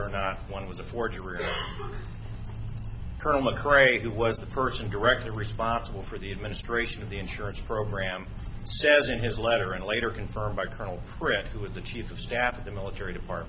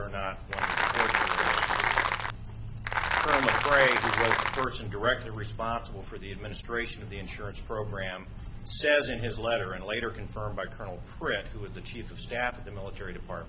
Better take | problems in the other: first | background sound (Applause); 5 dB above the speech

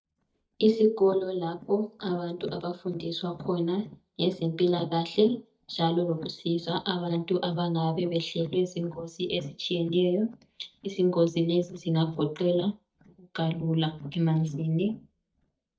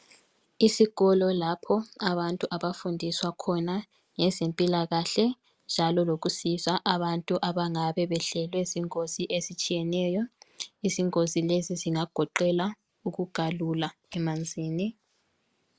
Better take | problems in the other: second | noise reduction (neural mask model DeepFilterNet 3)

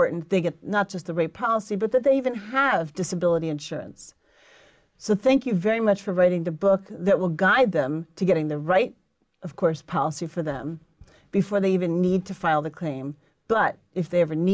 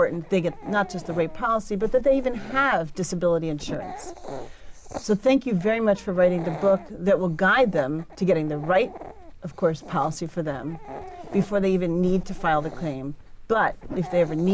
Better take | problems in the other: first | background sound (Dog); 13 dB below the speech

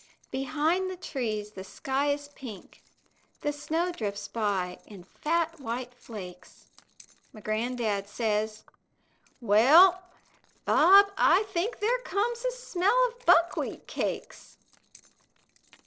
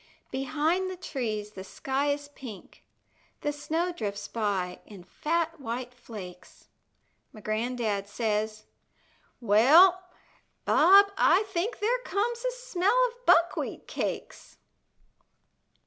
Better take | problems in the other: second | noise reduction (neural separator model SepFormer DNS4)

